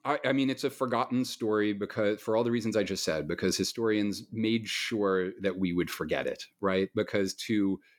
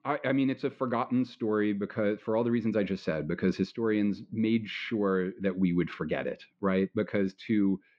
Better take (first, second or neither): first